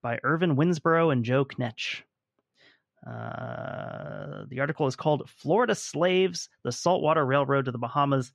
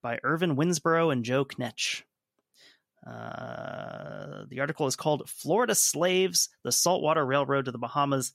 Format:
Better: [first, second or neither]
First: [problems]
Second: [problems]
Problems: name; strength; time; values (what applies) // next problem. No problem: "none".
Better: second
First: muffled; slightly; fading above 3 kHz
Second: none